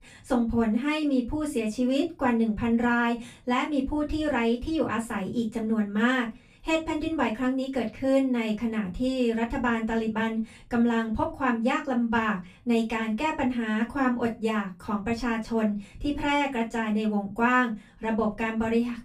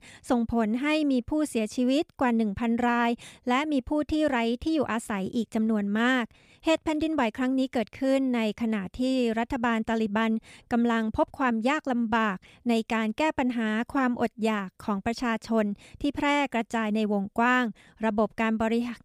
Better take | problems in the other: second | off-mic speech; far // room echo; very slight; dies away in 0.2 s

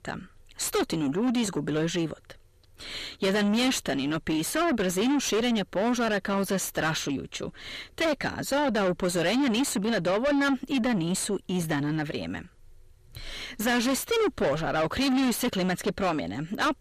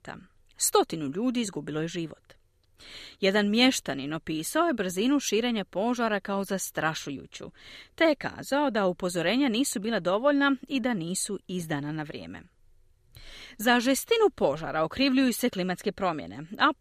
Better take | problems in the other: second | distortion; heavy; 5 dB below the speech

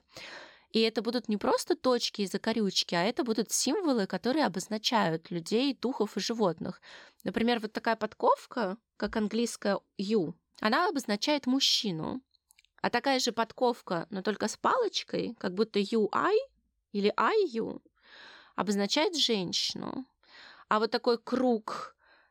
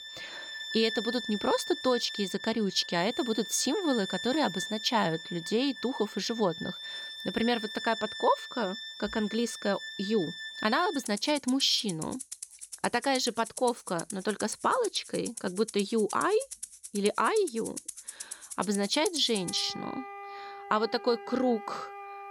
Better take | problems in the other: first | background music; loud; throughout; 10 dB below the speech

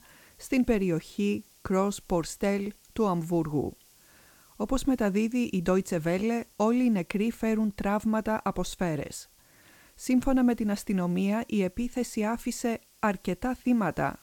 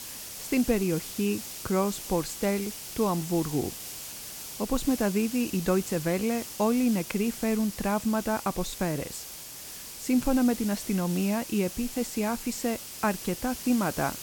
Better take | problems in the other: first | hiss; loud; throughout; 9 dB below the speech; faint in the first

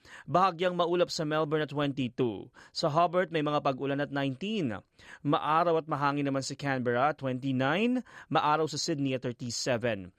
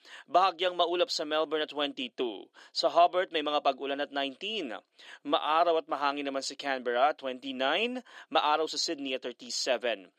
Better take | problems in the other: first | thin; somewhat; fading below 300 Hz

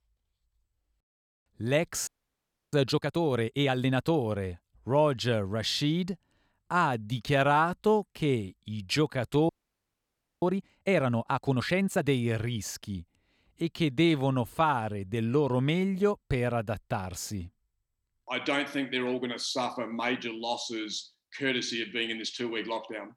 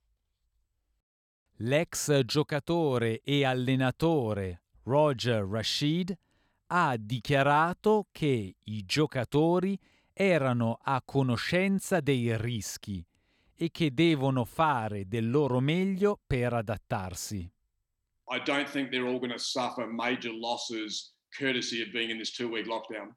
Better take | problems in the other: second | audio freezing; at 2 s for 0.5 s and at 9.5 s for 1 s

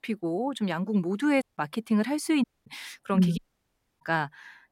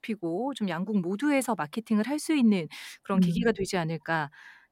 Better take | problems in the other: second | audio cutting out; at 1.5 s, at 2.5 s and at 3.5 s for 0.5 s

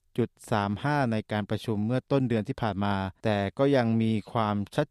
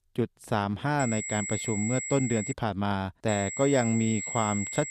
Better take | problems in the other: first | high-pitched whine; loud; from 1 to 2.5 s and from 3.5 s on; 7.5 kHz, 5 dB below the speech

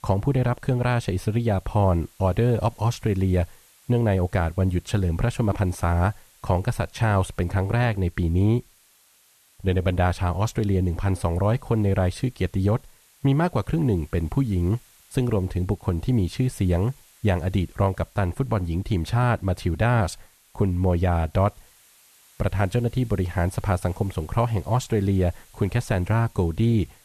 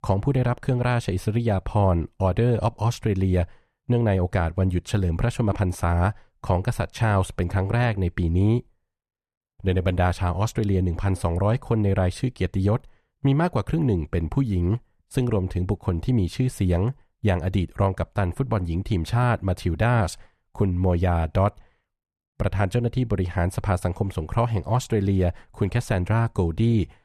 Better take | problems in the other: second | hiss; faint; throughout; 30 dB below the speech

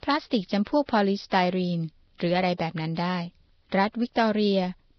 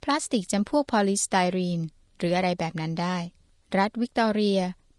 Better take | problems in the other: second | garbled, watery; badly; nothing above 5.5 kHz; slightly in the second

